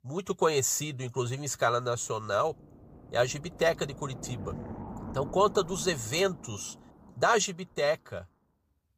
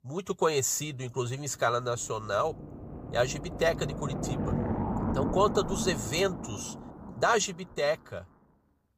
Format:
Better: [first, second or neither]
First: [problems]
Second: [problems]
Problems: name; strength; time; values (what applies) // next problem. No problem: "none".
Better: first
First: low rumble; faint; throughout; 20 dB below the speech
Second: low rumble; loud; throughout; 10 dB below the speech